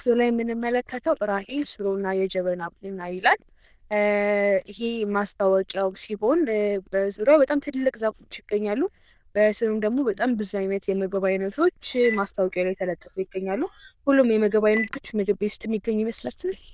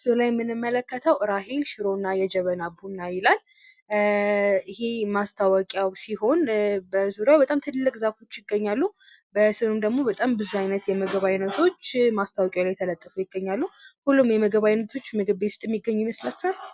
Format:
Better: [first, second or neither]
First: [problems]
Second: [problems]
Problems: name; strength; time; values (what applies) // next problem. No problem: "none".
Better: second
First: noise reduction (neural diffusion model UNIVERSE++)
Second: none